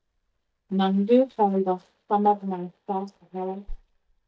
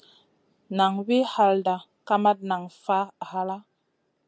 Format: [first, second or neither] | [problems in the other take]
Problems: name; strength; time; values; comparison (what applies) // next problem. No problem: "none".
second | noise reduction (neural mask model DeepFilterNet 3)